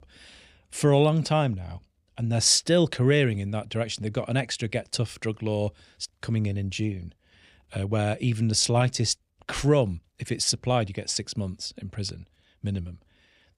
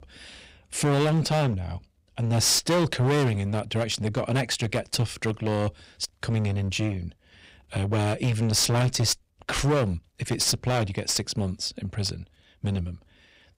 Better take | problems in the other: first | distortion; heavy; 13% of the sound clipped

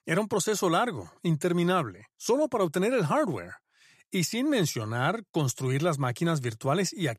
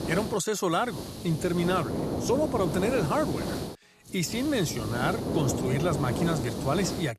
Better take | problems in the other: first | hiss; loud; throughout; 4 dB below the speech

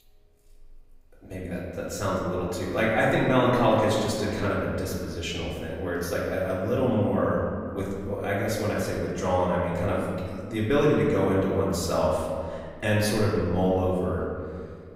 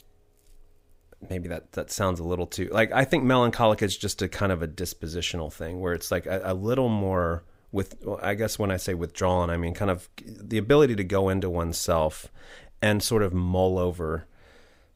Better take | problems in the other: second | off-mic speech; far // room echo; noticeable; dies away in 1.9 s

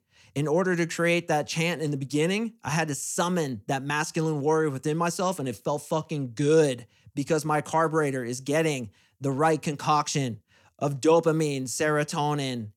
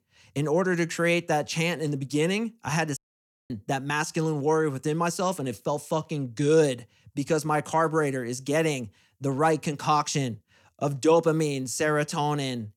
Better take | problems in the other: first | audio cutting out; at 3 s for 0.5 s

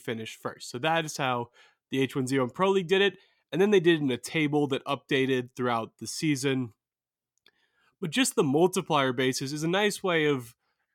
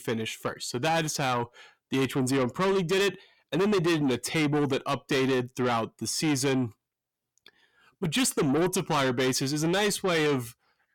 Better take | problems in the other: first | distortion; heavy; 7 dB below the speech

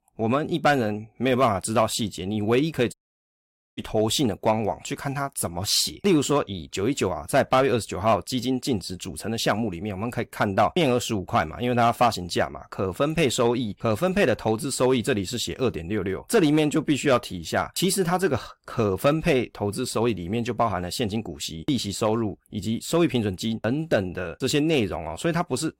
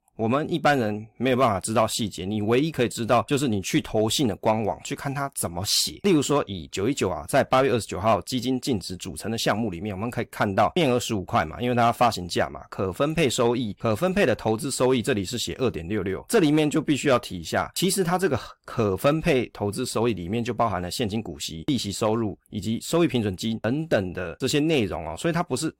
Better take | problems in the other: second | audio cutting out; at 3 s for 1 s

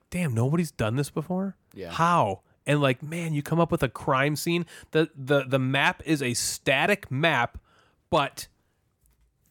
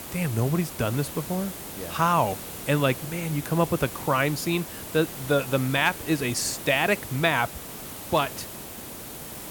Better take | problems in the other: first | hiss; noticeable; throughout; 10 dB below the speech

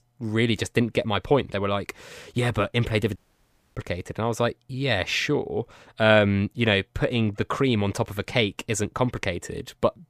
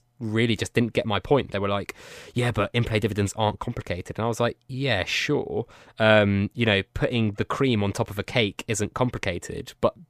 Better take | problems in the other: second | audio cutting out; at 3 s for 0.5 s

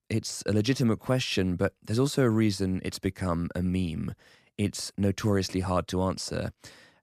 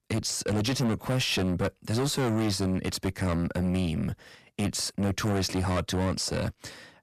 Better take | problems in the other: first | distortion; heavy; 6 dB below the speech

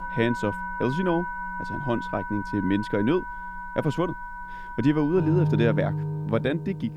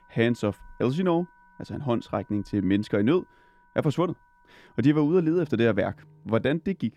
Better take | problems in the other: second | background music; loud; throughout; 5 dB below the speech; faint in the second

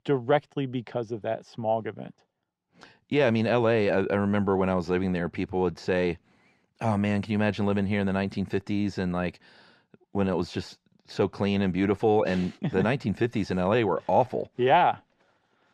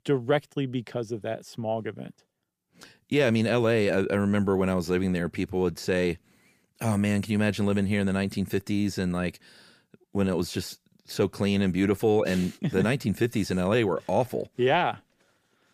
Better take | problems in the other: second | muffled; slightly; fading above 4.5 kHz

